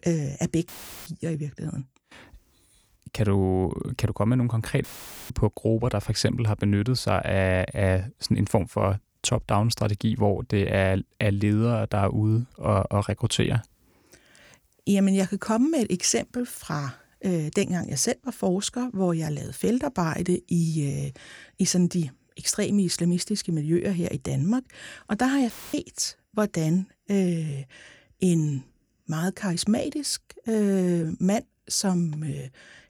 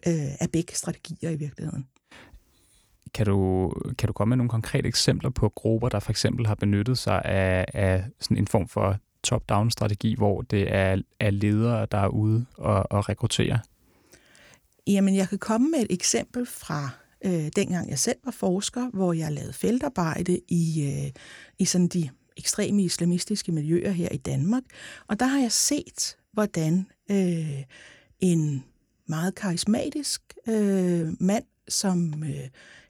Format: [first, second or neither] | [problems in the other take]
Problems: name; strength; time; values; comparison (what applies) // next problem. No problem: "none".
second | audio cutting out; filled with static; at 0.5 s, at 5 s and at 26 s